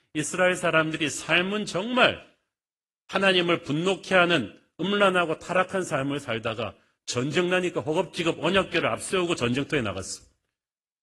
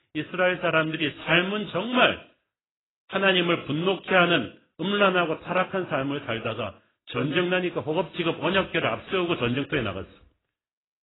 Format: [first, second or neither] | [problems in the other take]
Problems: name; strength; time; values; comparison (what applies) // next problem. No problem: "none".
first | garbled, watery; badly; nothing above 3.5 kHz; slightly in the first